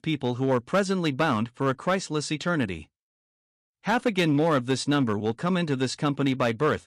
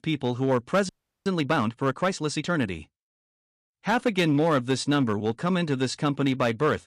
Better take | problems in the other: first | audio freezing; at 1 s

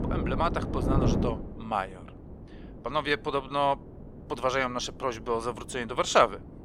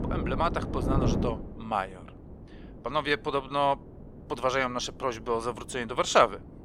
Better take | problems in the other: second | wind noise on the microphone; heavy; 9 dB below the speech; occasional gusts in the second

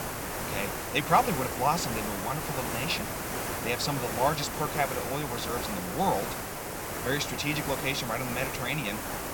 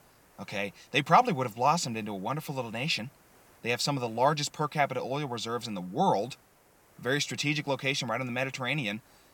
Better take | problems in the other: second | hiss; loud; throughout; 3 dB below the speech; faint in the second

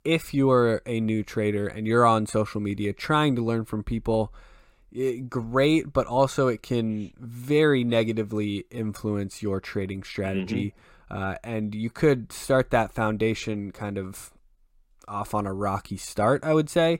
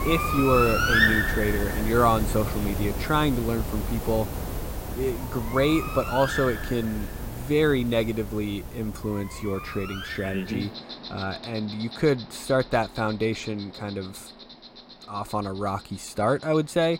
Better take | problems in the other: first | animal sounds; loud; throughout; 3 dB below the speech

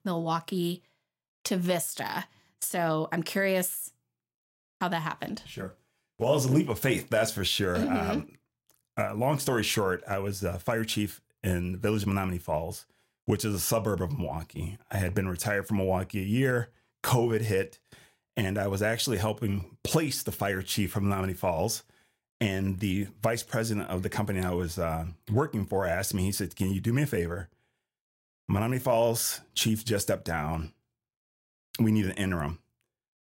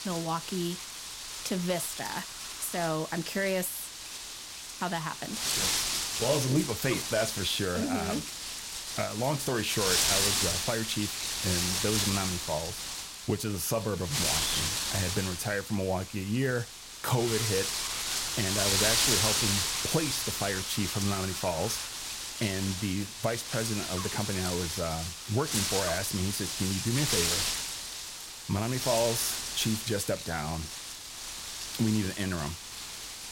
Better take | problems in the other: first | wind noise on the microphone; heavy; 2 dB above the speech

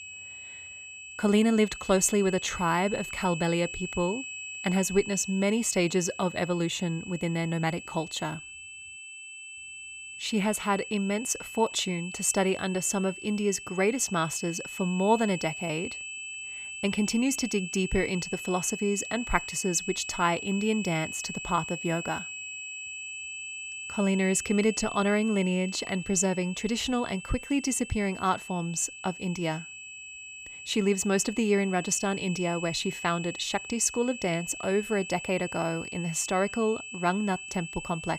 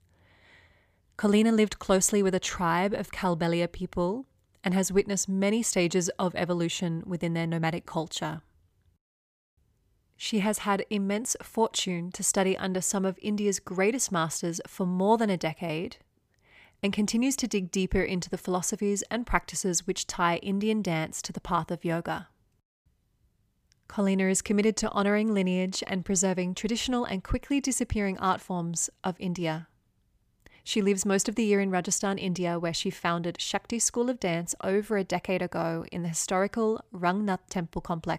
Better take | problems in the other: second | high-pitched whine; loud; throughout; 2.5 kHz, 9 dB below the speech

